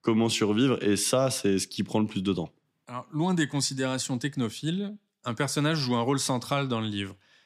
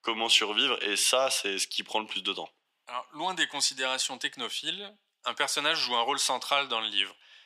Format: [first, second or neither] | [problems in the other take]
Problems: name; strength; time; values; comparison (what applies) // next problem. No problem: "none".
first | thin; very; fading below 750 Hz